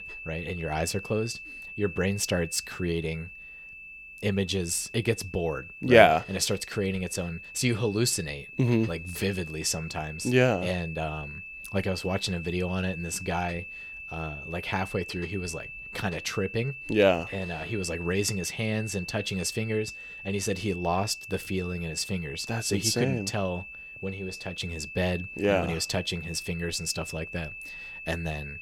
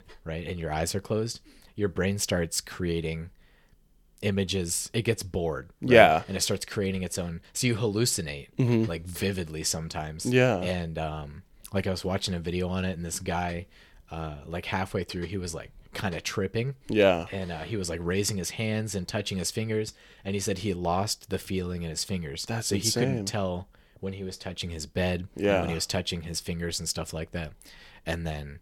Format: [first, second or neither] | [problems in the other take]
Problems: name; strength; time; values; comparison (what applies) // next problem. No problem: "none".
second | high-pitched whine; noticeable; throughout; 2.5 kHz, 10 dB below the speech